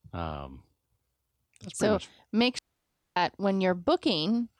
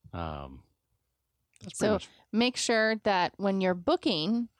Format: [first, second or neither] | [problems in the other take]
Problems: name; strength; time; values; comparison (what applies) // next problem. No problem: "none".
second | audio cutting out; at 2.5 s for 0.5 s